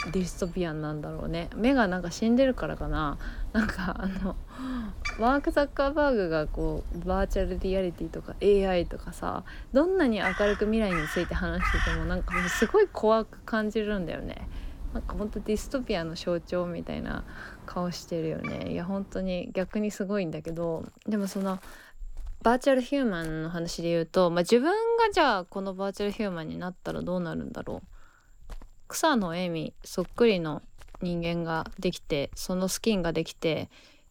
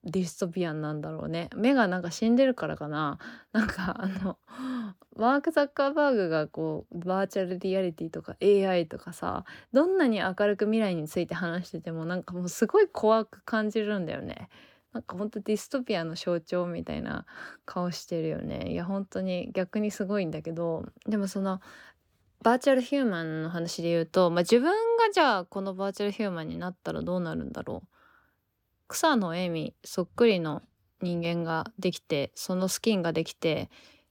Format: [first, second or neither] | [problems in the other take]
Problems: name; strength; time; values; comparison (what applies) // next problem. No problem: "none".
second | animal sounds; loud; throughout; 10 dB below the speech